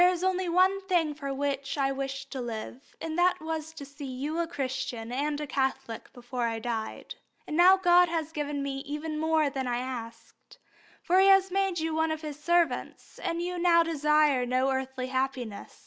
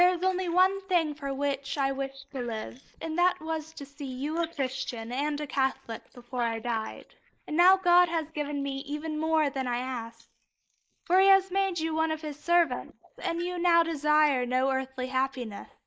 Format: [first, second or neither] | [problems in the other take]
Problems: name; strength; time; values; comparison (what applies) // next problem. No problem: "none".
first | noise reduction (neural mask model Resemble Enhance denoiser)